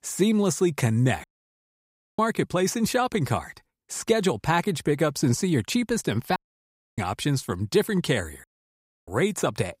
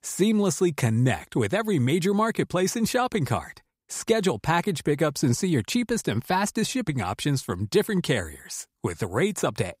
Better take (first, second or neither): second